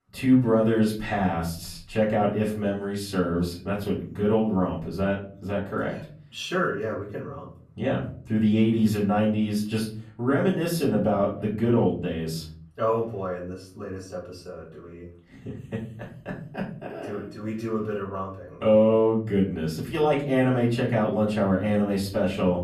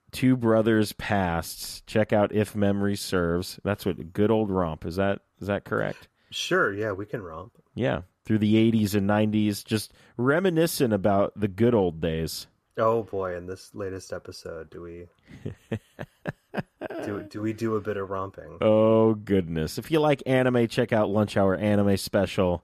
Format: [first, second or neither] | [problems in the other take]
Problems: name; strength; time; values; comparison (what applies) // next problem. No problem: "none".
second | off-mic speech; far // room echo; slight; dies away in 0.6 s